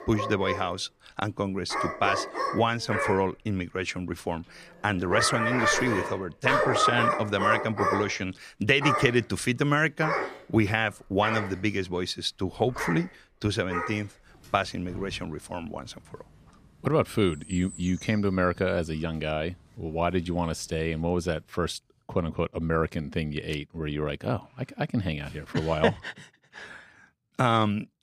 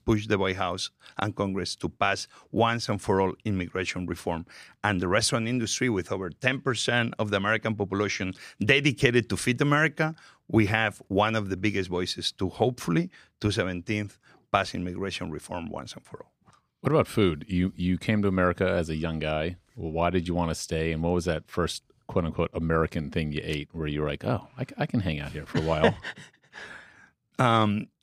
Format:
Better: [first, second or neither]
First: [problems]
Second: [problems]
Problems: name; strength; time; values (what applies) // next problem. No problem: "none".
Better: second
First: animal sounds; loud; until 21 s; 1 dB below the speech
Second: none